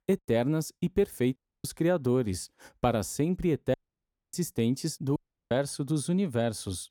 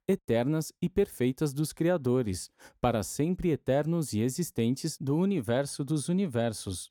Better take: second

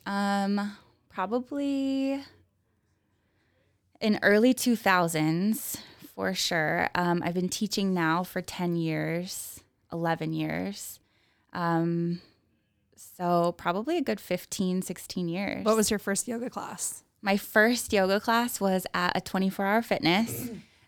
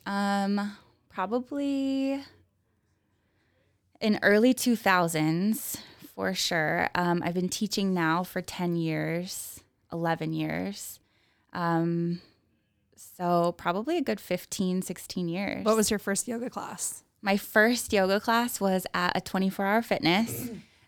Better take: neither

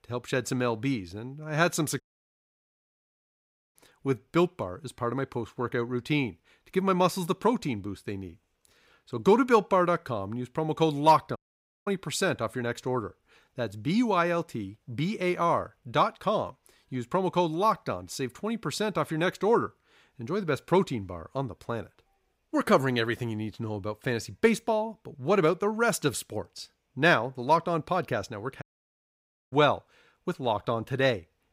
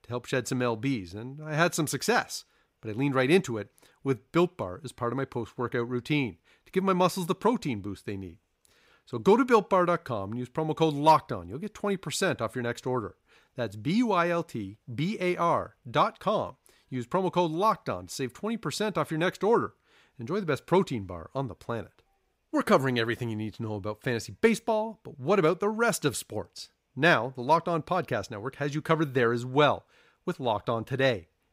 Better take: second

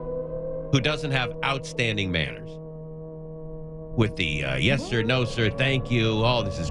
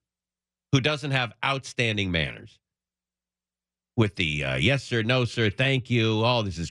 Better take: second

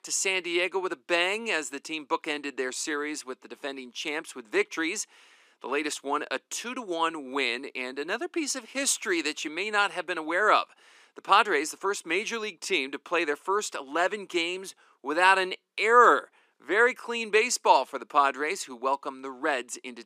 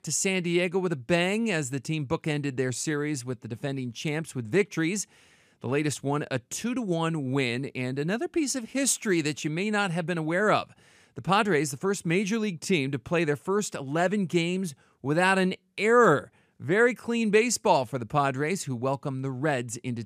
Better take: second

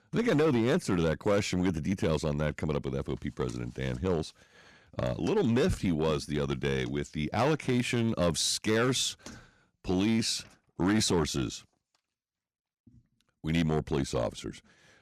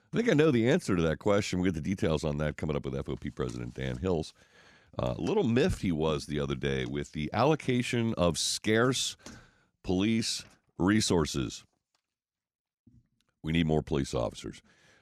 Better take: second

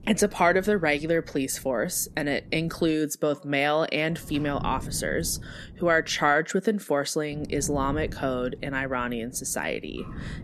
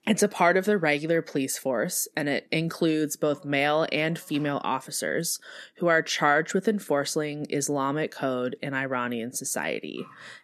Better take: second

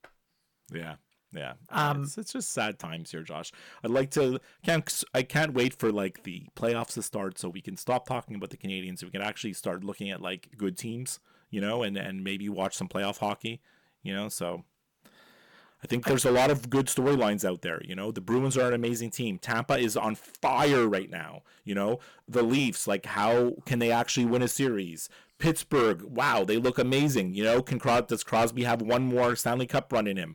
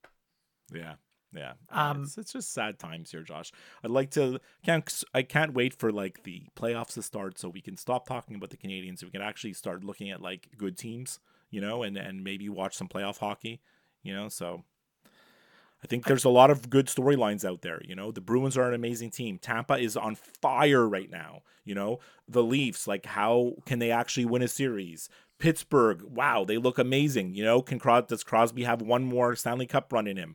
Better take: second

